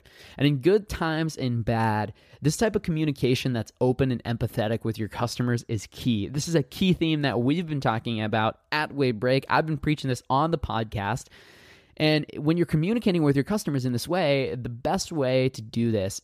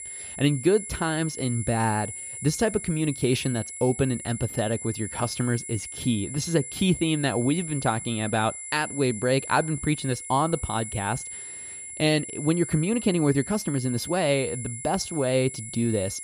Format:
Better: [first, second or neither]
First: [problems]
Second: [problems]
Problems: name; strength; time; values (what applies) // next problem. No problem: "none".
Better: first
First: none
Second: high-pitched whine; loud; throughout; 10 kHz, 9 dB below the speech